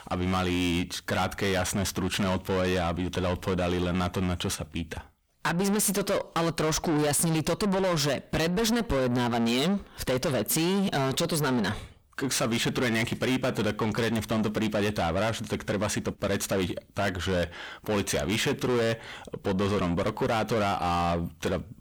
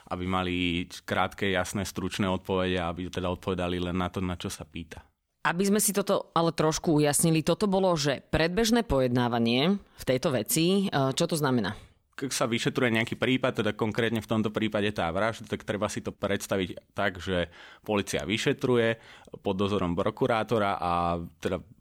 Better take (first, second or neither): second